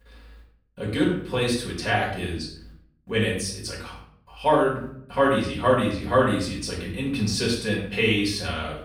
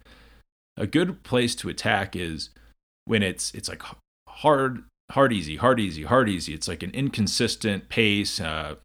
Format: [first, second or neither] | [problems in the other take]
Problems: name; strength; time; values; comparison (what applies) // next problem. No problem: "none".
second | off-mic speech; far // room echo; noticeable; dies away in 0.5 s